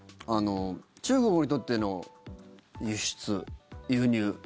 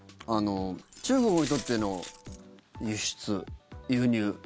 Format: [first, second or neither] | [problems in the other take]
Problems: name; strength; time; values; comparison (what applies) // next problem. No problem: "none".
first | background sound (Glass); 14 dB below the speech